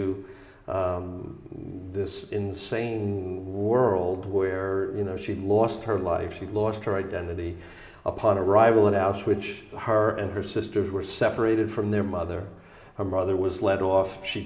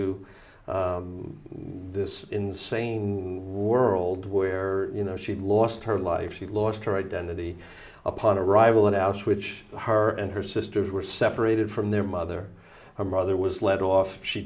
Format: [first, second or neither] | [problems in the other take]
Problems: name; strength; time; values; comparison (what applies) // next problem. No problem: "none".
second | room echo; dies away in 1.3 s